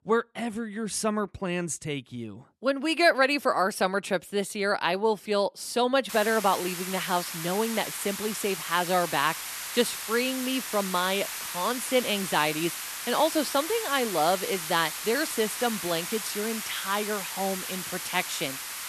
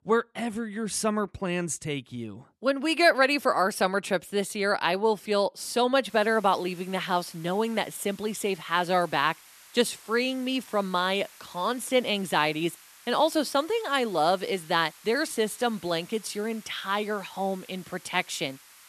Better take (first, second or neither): second